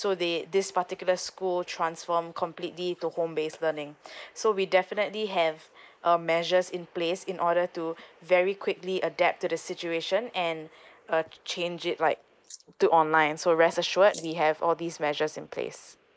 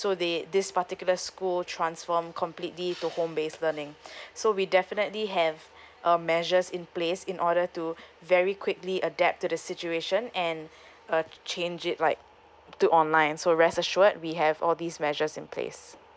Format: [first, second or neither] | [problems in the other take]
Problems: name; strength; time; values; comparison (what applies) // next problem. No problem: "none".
second | noise reduction (neural mask model Resemble Enhance denoiser)